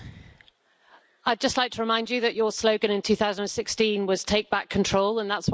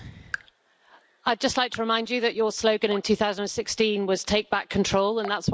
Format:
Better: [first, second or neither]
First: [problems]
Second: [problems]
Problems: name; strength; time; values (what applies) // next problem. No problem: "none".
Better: first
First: none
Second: background sound (Raindrop / Drip); 20 dB below the speech